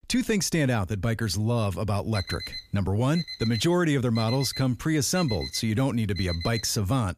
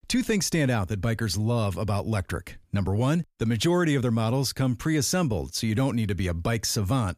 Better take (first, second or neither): second